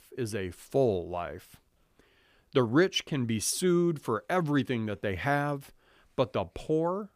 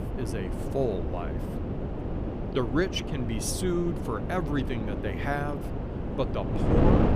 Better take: first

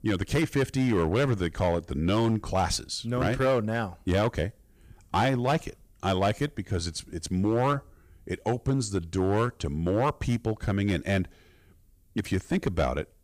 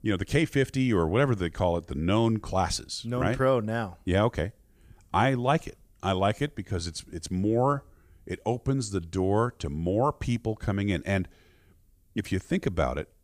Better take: second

